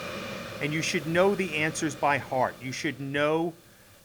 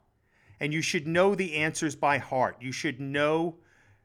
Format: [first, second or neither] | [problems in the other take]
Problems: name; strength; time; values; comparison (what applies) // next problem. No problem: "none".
second | hiss; noticeable; throughout; 15 dB below the speech